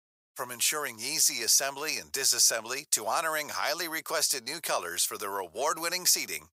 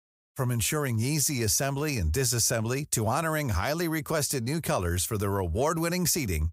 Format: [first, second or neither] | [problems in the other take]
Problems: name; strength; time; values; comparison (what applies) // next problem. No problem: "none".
second | thin; very; fading below 650 Hz